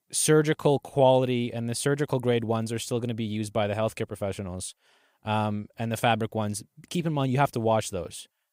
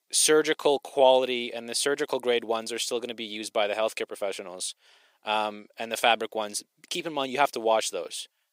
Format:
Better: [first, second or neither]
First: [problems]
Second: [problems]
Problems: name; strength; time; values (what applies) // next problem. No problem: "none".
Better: first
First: none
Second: thin; somewhat; fading below 350 Hz